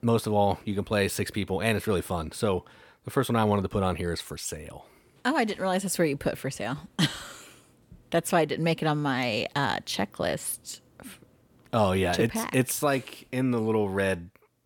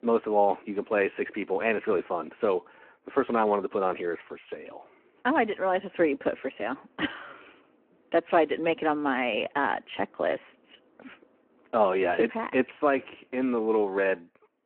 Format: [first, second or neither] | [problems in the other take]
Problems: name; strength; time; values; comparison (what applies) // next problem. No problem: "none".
first | phone-call audio